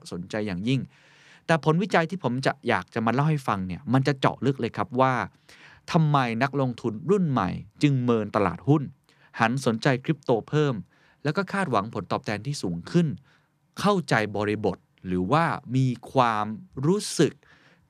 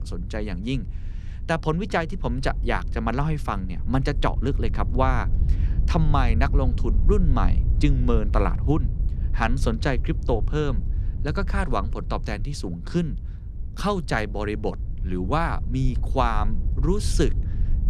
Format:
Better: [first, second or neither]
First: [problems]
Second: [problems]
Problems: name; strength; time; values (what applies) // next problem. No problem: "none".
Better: first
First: none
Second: wind noise on the microphone; occasional gusts; 15 dB below the speech